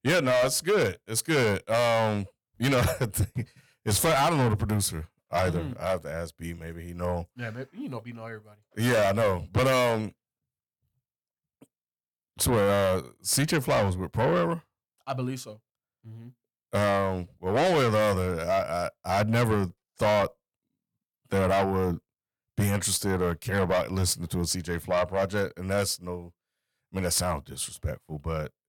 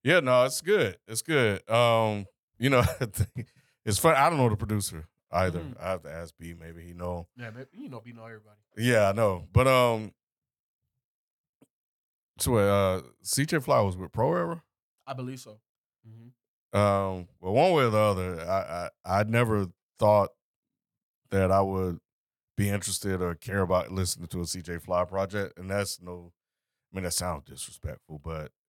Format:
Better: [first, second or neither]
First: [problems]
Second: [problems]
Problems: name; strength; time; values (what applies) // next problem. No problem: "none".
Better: second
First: distortion; heavy; 6 dB below the speech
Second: none